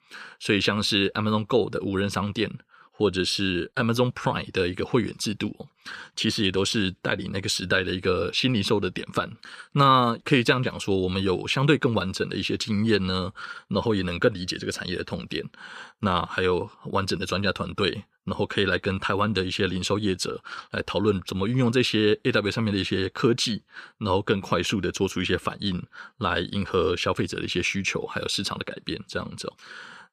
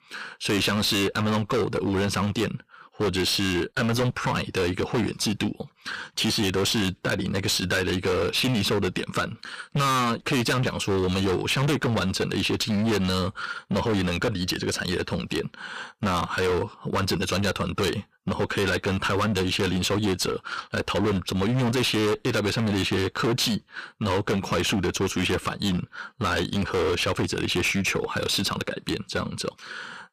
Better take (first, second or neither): first